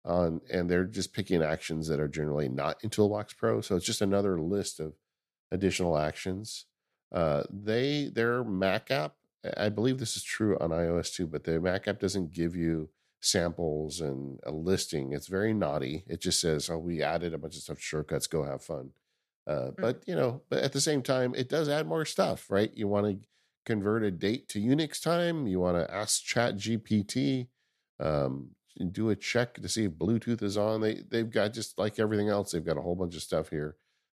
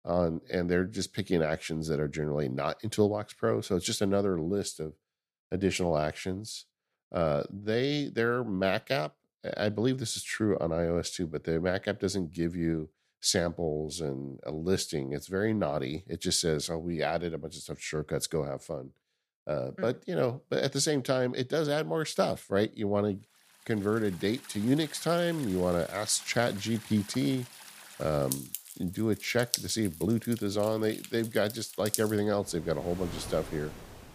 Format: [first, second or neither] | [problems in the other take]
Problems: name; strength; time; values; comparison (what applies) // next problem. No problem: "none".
first | rain or running water; noticeable; from 24 s on; 10 dB below the speech